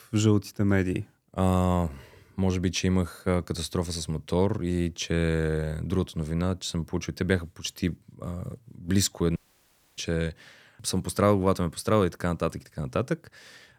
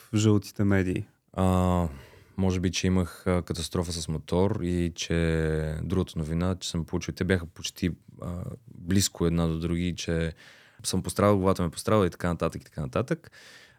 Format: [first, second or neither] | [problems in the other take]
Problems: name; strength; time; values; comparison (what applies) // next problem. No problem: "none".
second | audio cutting out; at 9.5 s for 0.5 s